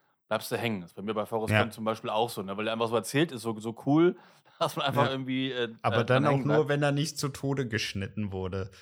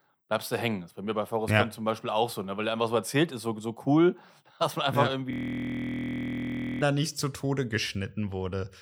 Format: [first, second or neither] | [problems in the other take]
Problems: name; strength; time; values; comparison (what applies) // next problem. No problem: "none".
first | audio freezing; at 5.5 s for 1.5 s